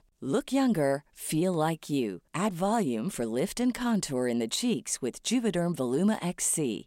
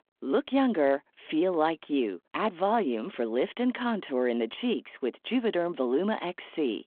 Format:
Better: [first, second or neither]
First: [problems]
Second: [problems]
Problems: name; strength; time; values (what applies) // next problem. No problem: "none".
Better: first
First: none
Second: phone-call audio